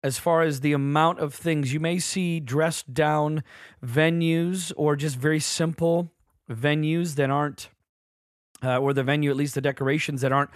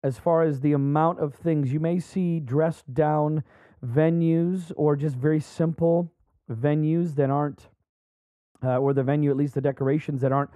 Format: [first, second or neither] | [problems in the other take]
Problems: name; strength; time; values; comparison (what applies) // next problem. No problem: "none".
first | muffled; very; fading above 1.5 kHz